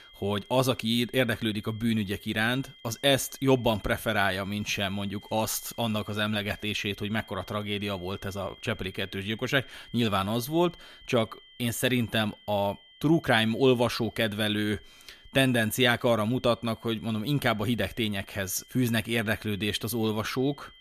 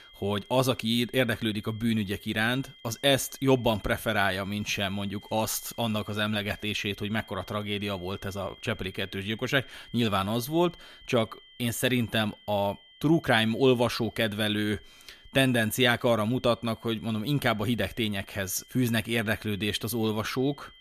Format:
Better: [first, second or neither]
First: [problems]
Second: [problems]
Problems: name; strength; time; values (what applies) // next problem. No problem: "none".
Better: neither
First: high-pitched whine; faint; throughout; 3 kHz, 25 dB below the speech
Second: high-pitched whine; faint; throughout; 3 kHz, 25 dB below the speech